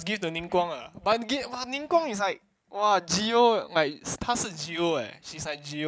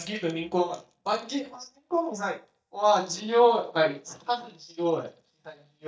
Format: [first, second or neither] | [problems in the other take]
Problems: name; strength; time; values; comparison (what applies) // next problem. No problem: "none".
first | noise reduction (neural mask model DeepFilterNet 3)